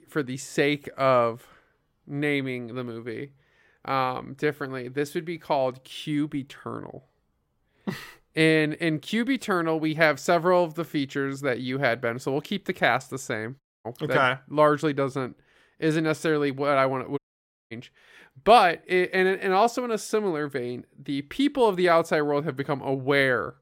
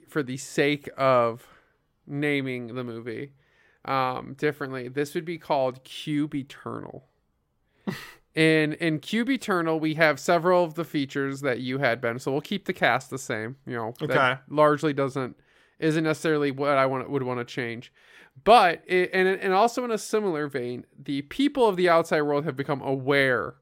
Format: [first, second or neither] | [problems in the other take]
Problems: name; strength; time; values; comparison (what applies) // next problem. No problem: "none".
second | audio cutting out; at 14 s and at 17 s for 0.5 s